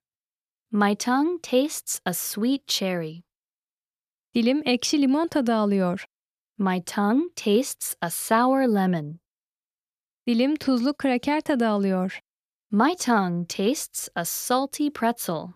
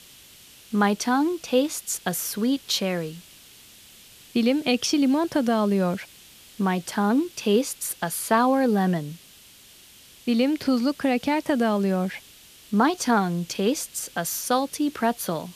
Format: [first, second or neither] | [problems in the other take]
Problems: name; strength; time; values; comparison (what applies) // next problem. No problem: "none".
first | hiss; faint; throughout; 25 dB below the speech